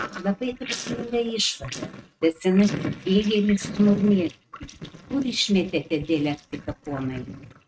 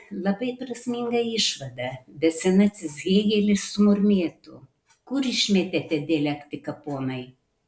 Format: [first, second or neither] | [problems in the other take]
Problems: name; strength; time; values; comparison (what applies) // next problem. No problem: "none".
second | noise reduction (neural mask model RNNoise)